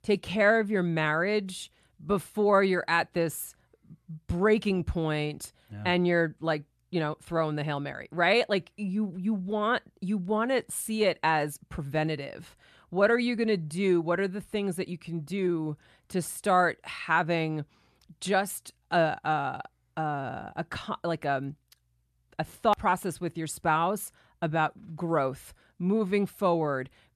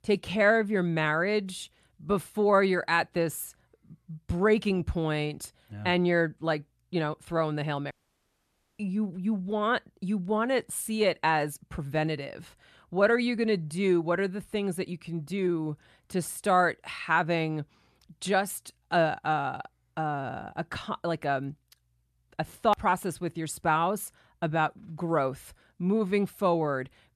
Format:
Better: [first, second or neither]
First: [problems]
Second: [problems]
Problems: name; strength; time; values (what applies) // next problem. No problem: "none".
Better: first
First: none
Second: audio cutting out; at 8 s for 1 s